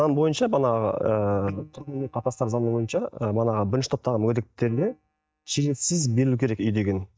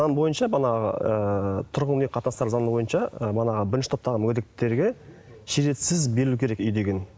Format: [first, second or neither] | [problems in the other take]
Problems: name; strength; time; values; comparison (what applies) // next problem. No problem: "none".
second | noise reduction (neural mask model DeepFilterNet 3)